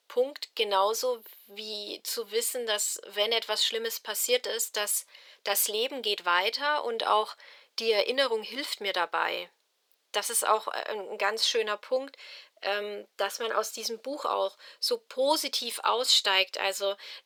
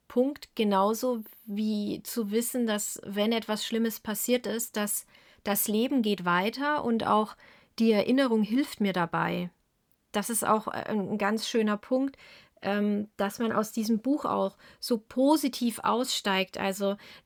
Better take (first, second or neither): second